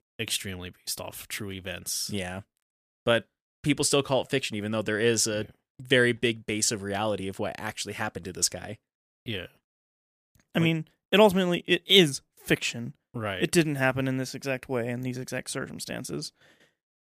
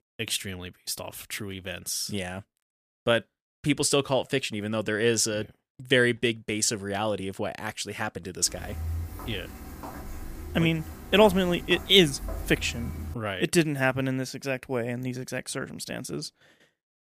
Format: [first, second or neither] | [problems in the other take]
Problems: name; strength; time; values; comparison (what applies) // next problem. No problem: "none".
first | footsteps; noticeable; from 8.5 to 13 s; peak 7 dB below the speech